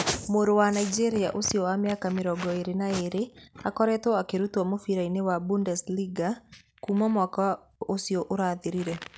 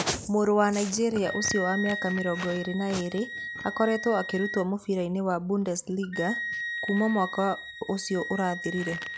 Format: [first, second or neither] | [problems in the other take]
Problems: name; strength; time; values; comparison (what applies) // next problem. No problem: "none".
first | background sound (Wind instrument, woodwind instrument); 9 dB below the speech